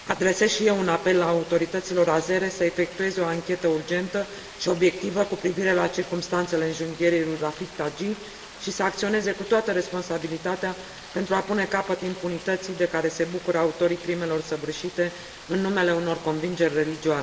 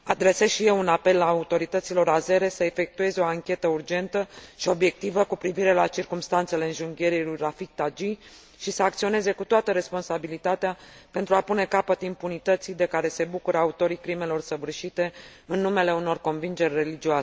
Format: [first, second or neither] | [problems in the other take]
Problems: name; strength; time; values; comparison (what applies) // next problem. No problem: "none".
second | background sound (Rain); 18 dB below the speech // room echo; dies away in 1.5 s